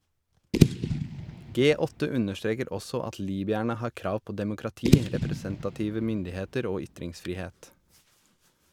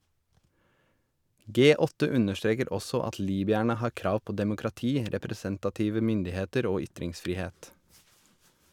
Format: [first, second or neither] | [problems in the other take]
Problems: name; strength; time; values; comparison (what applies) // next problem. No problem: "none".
second | background sound (Fireworks / Boom); 1 dB above the speech